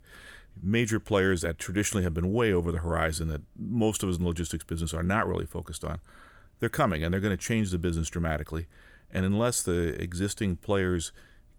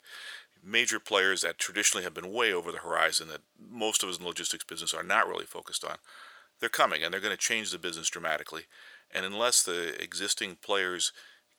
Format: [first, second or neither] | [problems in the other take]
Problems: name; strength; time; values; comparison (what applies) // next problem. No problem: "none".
first | thin; very; fading below 600 Hz